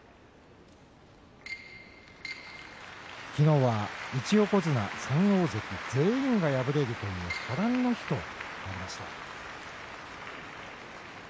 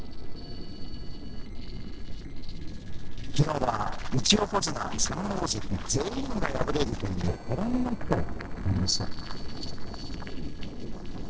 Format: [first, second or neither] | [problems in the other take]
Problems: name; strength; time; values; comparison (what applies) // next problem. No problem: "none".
first | noise reduction (neural separator model SepFormer DNS4)